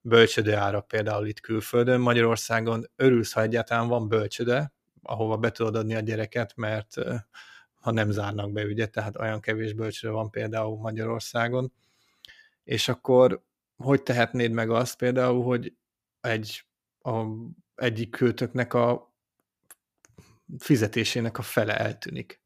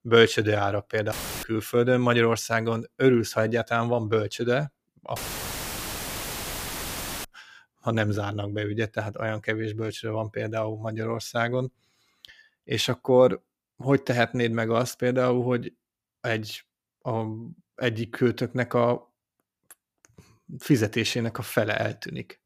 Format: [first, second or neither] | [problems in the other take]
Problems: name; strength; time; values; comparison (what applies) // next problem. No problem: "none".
first | audio cutting out; filled with static; at 1 s and at 5 s for 2 s